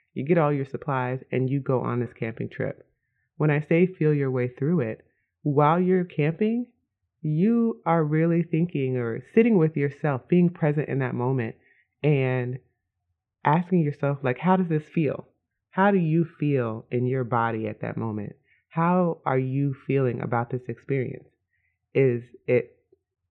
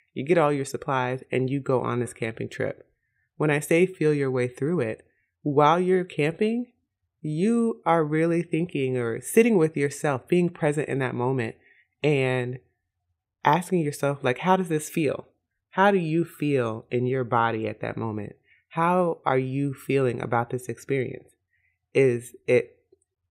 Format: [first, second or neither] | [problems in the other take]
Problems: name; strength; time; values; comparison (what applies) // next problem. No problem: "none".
second | muffled; very; fading above 2.5 kHz